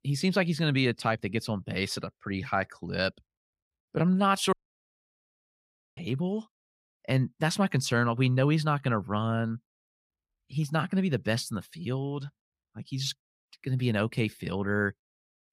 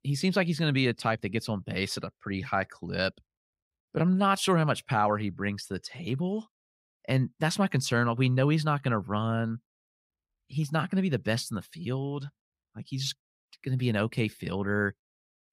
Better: second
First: audio cutting out; at 4.5 s for 1.5 s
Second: none

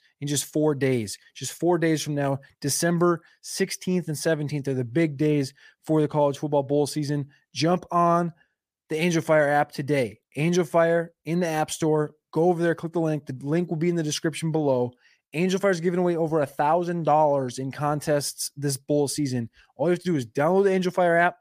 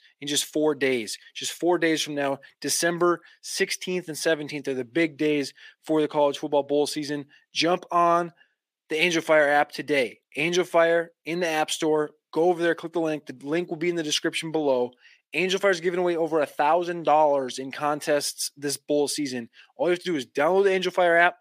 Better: first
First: none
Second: thin; somewhat; fading below 350 Hz

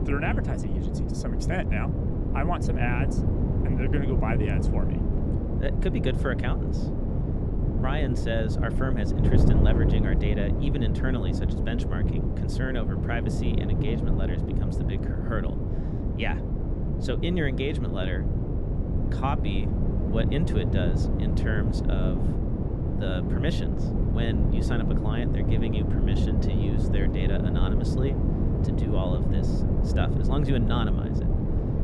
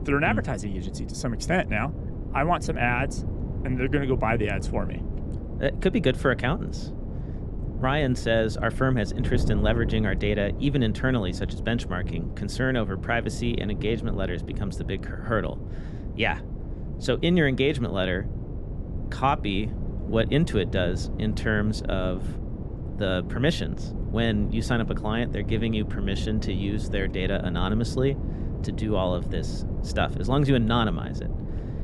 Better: second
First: wind noise on the microphone; heavy; 1 dB below the speech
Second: wind noise on the microphone; occasional gusts; 15 dB below the speech

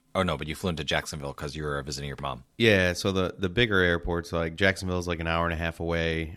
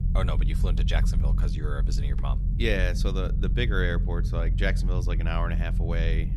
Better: first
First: none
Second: low rumble; noticeable; throughout; 10 dB below the speech

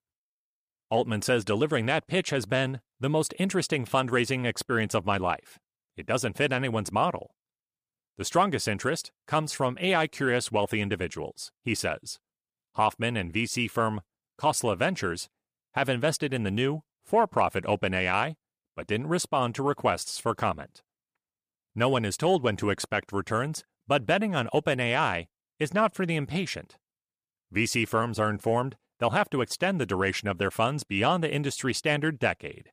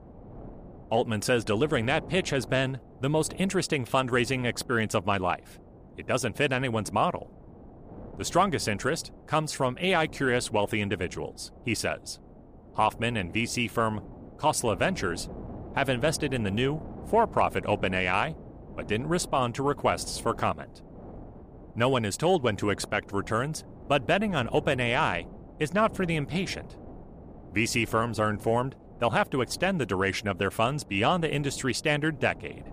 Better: first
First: none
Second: wind noise on the microphone; occasional gusts; 20 dB below the speech

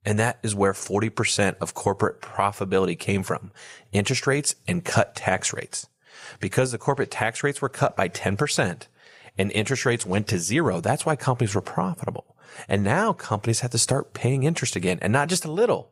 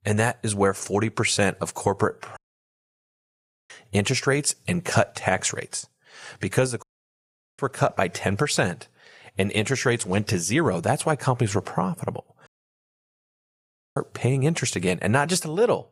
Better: first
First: none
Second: audio cutting out; at 2.5 s for 1.5 s, at 7 s for 1 s and at 12 s for 1.5 s

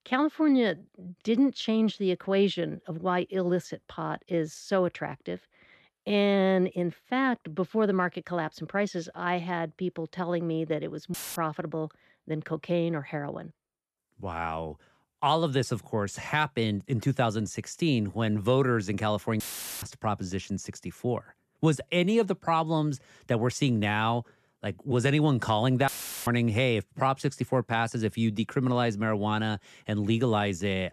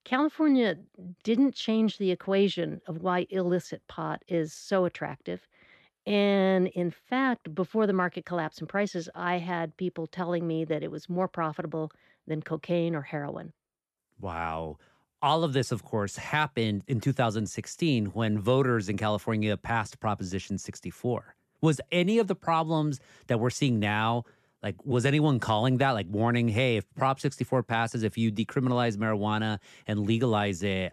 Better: second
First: audio cutting out; filled with static; at 11 s, at 19 s and at 26 s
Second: none

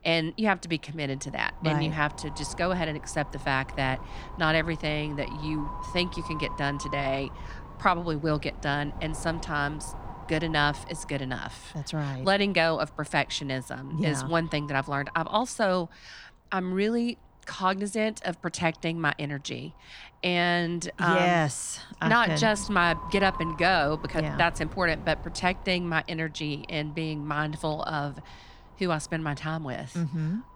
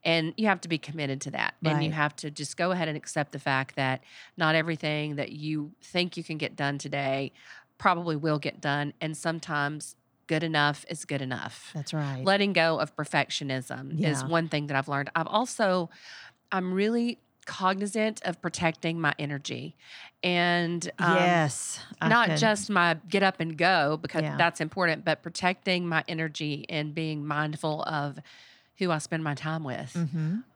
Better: second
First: wind noise on the microphone; occasional gusts; 15 dB below the speech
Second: none

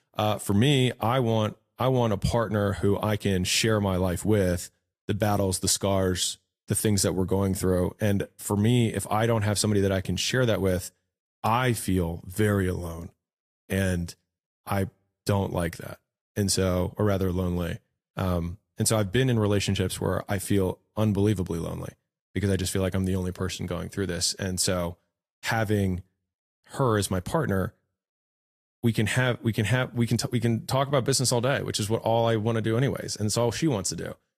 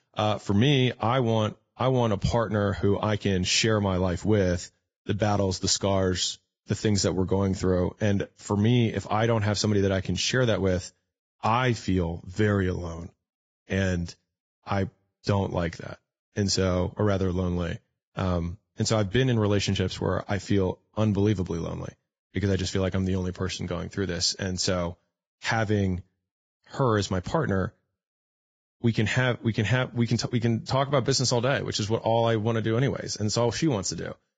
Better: first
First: garbled, watery; slightly; nothing above 14.5 kHz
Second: garbled, watery; badly; nothing above 7.5 kHz

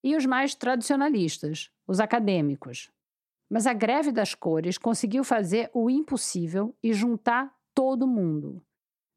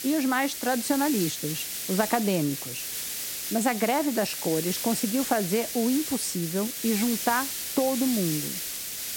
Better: first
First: none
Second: hiss; loud; throughout; 4 dB below the speech

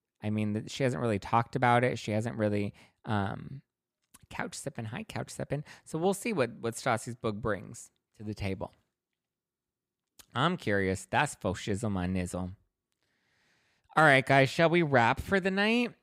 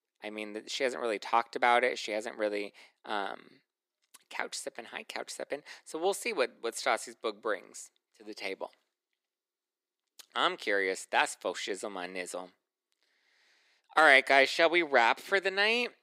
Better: first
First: none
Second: thin; very; fading below 350 Hz

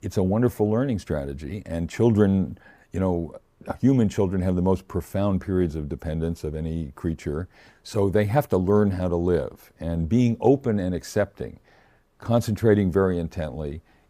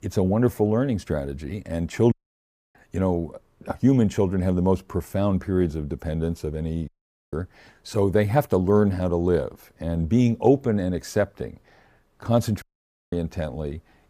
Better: first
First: none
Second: audio cutting out; at 2 s for 0.5 s, at 7 s and at 13 s for 0.5 s

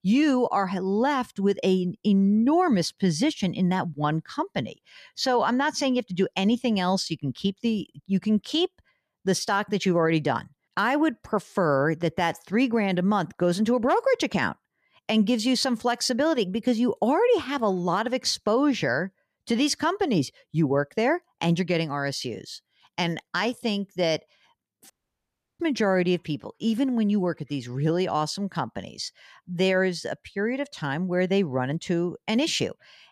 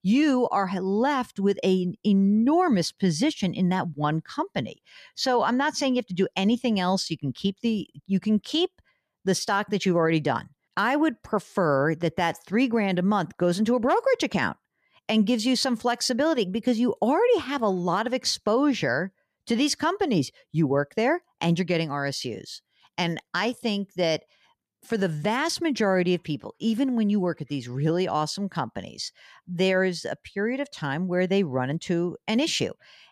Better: second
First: audio cutting out; at 25 s for 0.5 s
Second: none

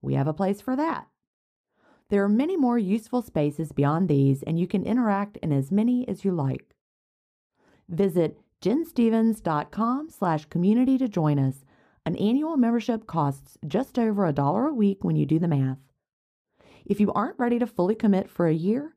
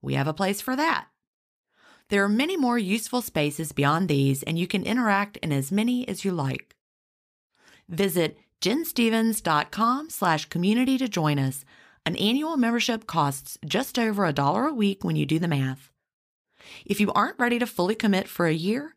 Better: second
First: muffled; slightly; fading above 1.5 kHz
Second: none

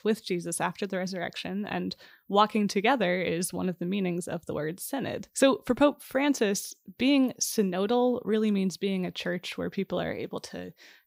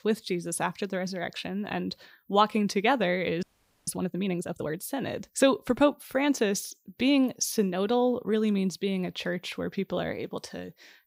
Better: first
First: none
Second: audio freezing; at 3.5 s

